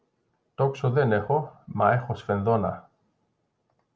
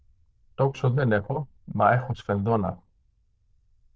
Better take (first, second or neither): first